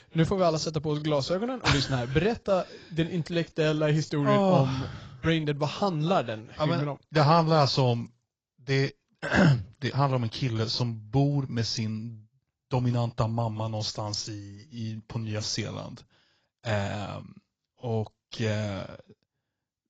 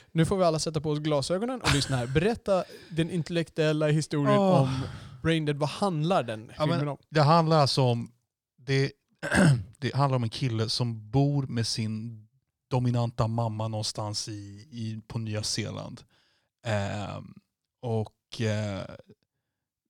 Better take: second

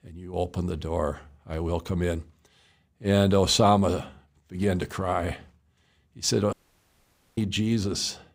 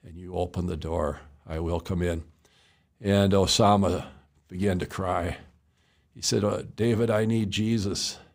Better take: second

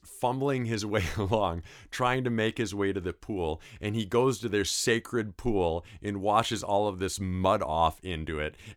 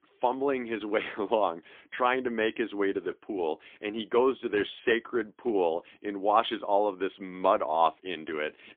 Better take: first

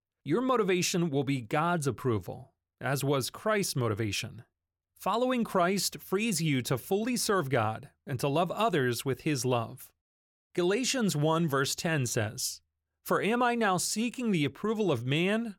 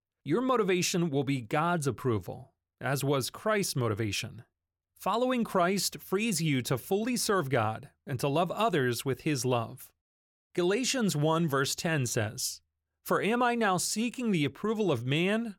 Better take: neither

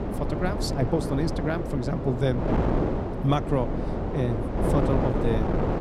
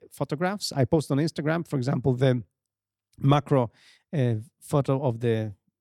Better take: second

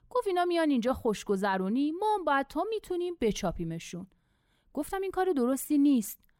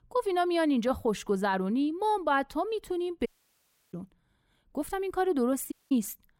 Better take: first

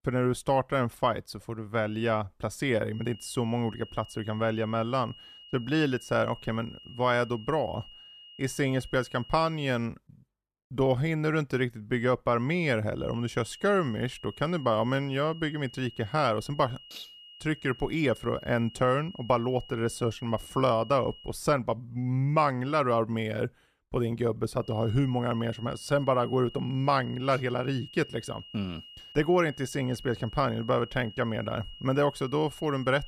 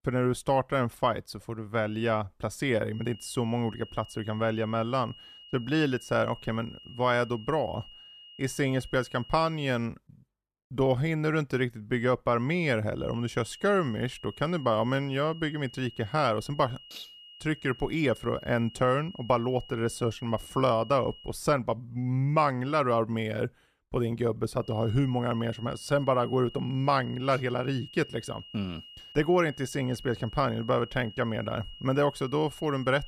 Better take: neither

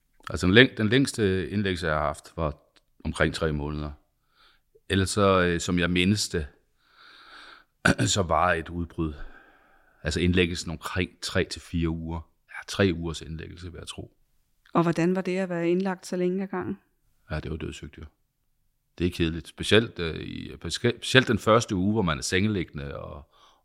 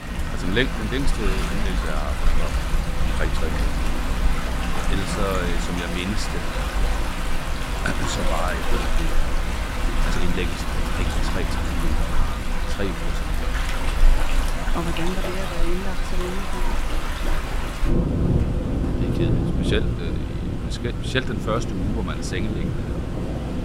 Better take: first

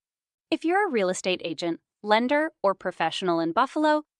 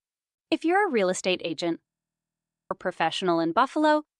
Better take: first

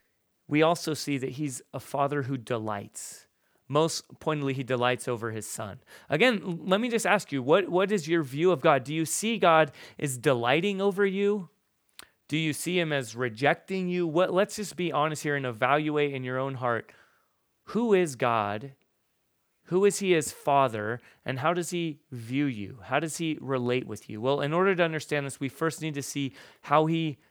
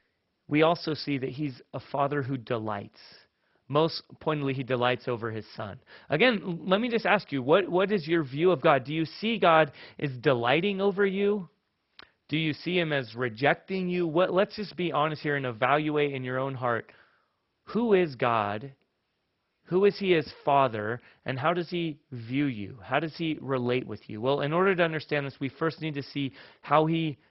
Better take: first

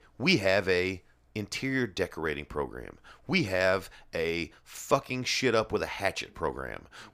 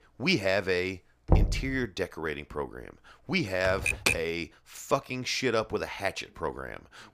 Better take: first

